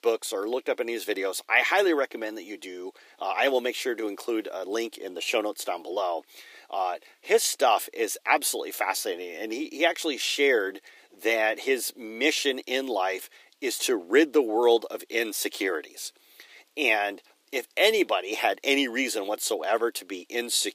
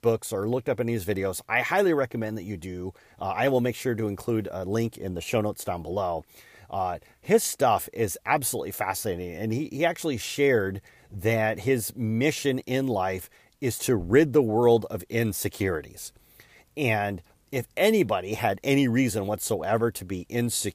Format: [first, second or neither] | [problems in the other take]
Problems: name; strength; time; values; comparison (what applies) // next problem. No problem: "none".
second | thin; somewhat; fading below 300 Hz